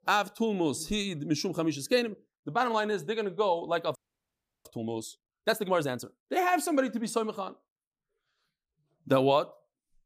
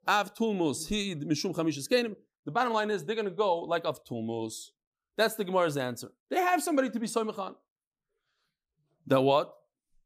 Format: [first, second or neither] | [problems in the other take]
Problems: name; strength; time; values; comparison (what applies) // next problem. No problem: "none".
second | audio freezing; at 4 s for 0.5 s